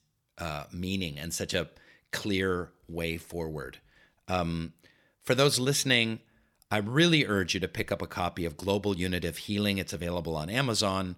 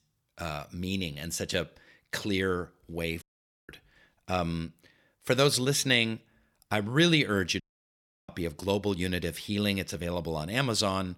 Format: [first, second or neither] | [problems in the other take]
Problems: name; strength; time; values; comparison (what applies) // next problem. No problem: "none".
first | audio cutting out; at 3 s and at 7.5 s for 0.5 s